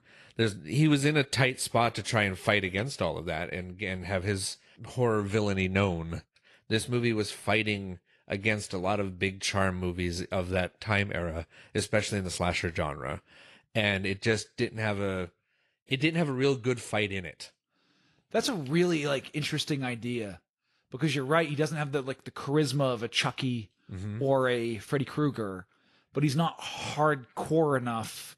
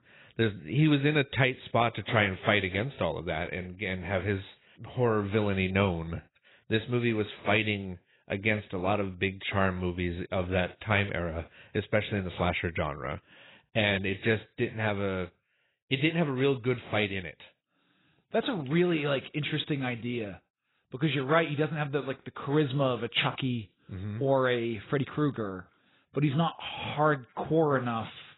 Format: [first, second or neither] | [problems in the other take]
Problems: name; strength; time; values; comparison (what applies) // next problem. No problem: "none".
first | garbled, watery; badly; nothing above 4 kHz; slightly in the first